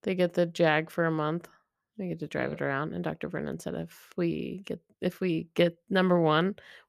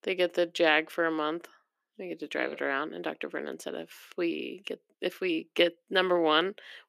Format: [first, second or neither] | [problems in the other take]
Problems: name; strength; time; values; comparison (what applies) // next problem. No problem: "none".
first | thin; somewhat; fading below 300 Hz